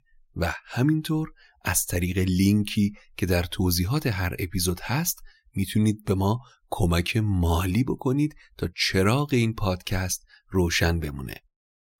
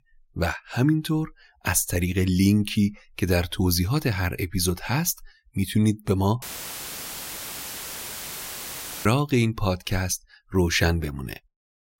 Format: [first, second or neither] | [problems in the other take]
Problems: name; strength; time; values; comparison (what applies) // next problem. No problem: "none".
first | audio cutting out; filled with static; at 6.5 s for 2.5 s